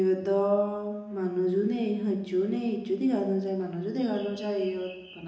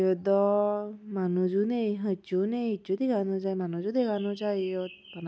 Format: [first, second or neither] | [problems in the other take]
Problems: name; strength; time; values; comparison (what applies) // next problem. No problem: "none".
second | room echo; dies away in 1 s